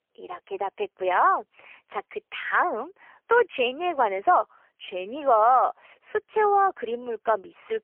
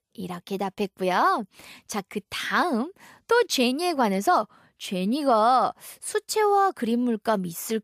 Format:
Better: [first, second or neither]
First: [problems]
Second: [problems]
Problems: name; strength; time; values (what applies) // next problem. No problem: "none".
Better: second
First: phone-call audio; poor line; nothing above 3 kHz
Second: none